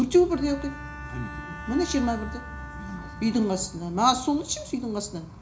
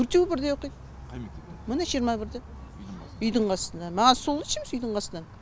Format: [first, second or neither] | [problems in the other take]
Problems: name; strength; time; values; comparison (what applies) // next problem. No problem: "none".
second | background sound (Bowed string instrument); 17 dB below the speech // room echo; dies away in 0.4 s